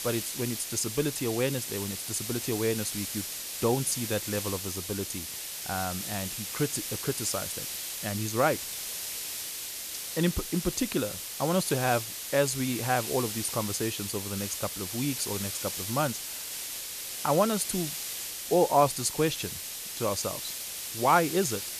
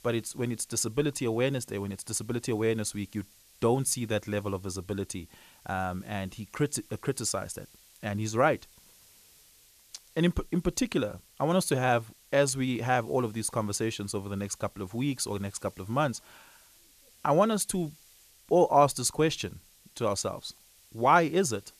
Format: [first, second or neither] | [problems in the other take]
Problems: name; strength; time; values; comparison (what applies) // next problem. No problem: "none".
second | hiss; loud; throughout; 4 dB below the speech; faint in the second